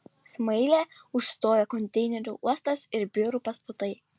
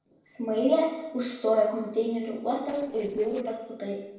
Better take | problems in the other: first | noise reduction (neural separator model SepFormer DNS4)

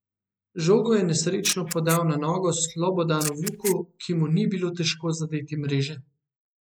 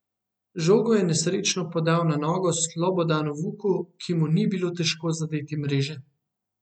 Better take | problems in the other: second | noise reduction (neural mask model Resemble Enhance denoiser)

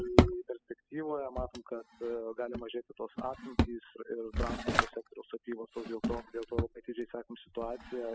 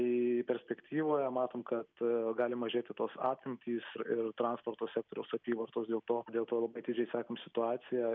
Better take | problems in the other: second | noise reduction (classical method spectral subtraction)

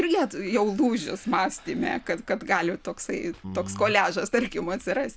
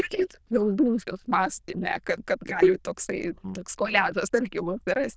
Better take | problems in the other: first | noise reduction (neural diffusion model UNIVERSE++)

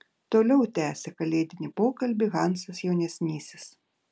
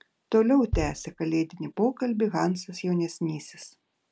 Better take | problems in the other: first | background sound (Bass drum); 10 dB below the speech

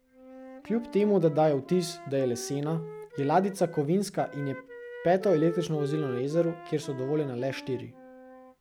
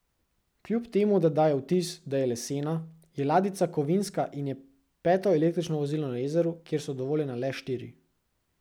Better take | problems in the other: second | background sound (Wind instrument, woodwind instrument); 14 dB below the speech

